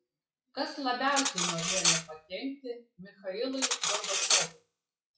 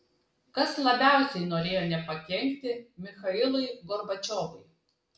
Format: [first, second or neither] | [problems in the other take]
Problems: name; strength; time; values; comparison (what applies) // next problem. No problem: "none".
second | noise reduction (classical method log-MMSE)